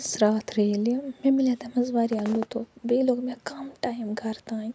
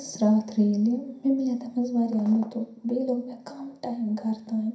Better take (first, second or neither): first